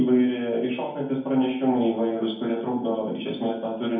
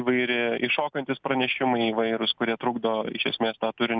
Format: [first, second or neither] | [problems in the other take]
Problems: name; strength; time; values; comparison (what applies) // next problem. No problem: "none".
second | room echo; dies away in 0.7 s